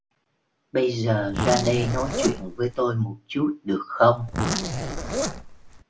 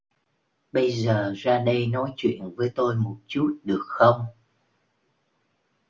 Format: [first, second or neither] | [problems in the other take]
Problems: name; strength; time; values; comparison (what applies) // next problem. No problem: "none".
second | background sound (Zipper (clothing)); 3 dB below the speech